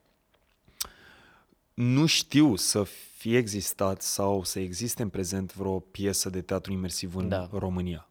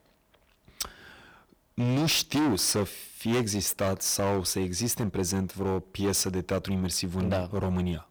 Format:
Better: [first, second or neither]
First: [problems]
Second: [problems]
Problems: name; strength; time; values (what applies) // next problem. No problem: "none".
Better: first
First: none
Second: distortion; heavy; 12% of the sound clipped